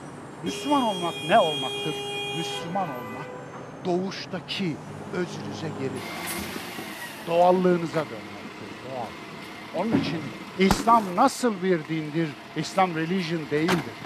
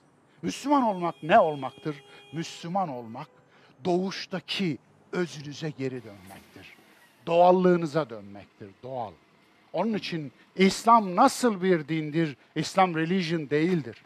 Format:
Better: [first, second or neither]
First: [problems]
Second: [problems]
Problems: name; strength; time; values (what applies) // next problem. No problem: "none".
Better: second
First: traffic noise; loud; throughout; 7 dB below the speech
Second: traffic noise; faint; throughout; 30 dB below the speech